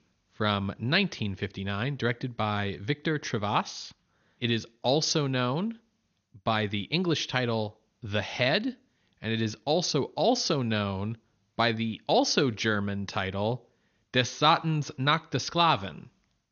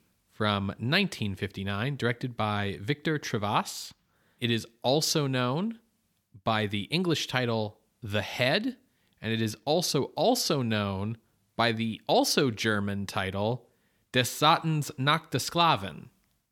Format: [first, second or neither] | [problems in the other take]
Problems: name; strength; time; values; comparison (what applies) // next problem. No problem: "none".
second | garbled, watery; slightly; nothing above 6.5 kHz